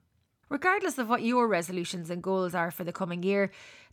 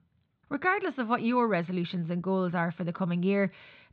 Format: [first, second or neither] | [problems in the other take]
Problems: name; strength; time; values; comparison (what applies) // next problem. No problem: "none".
first | muffled; slightly; fading above 3.5 kHz